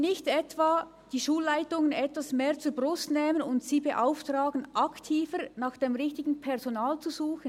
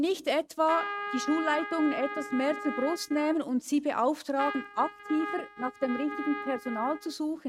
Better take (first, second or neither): first